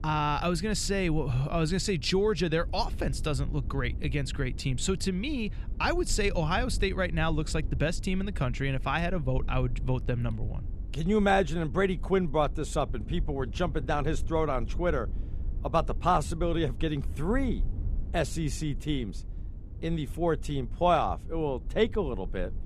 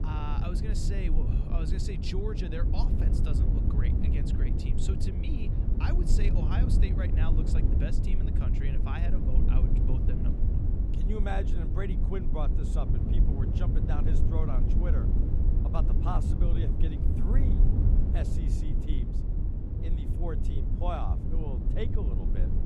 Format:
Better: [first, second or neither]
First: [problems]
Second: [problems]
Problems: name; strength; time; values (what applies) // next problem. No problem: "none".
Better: first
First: low rumble; faint; throughout; 25 dB below the speech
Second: low rumble; loud; throughout; 1 dB below the speech